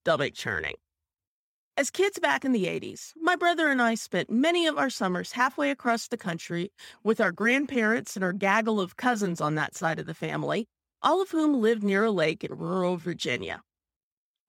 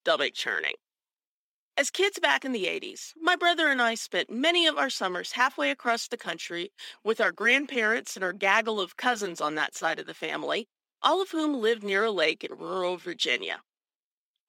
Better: first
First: none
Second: thin; somewhat; fading below 300 Hz

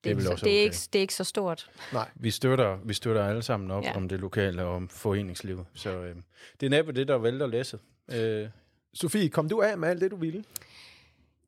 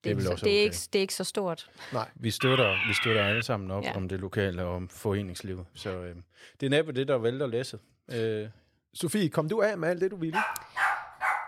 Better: first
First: none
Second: alarm; loud; from 2.5 to 3.5 s; peak 4 dB above the speech // dog barking; loud; from 10 s on; peak 2 dB above the speech

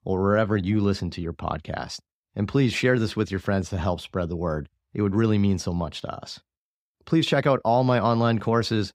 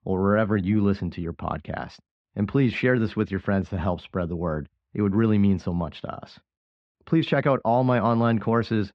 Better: first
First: none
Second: muffled; slightly; fading above 2.5 kHz

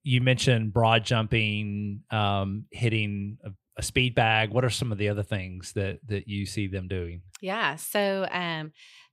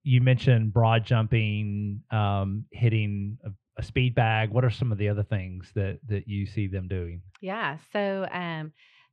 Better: first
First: none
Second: muffled; slightly; fading above 2.5 kHz

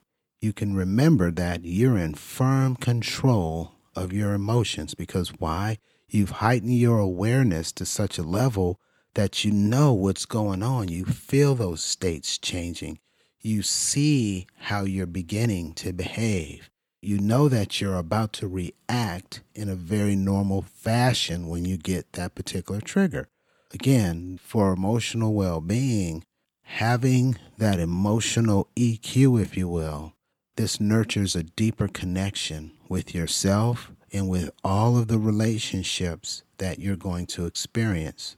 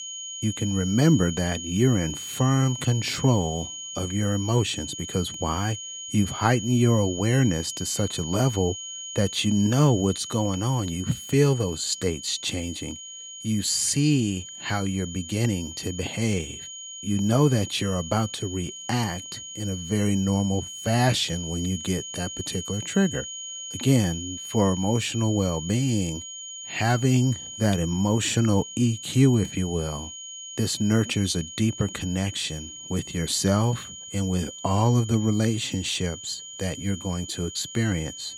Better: first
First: none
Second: high-pitched whine; loud; throughout; 3 kHz, 10 dB below the speech

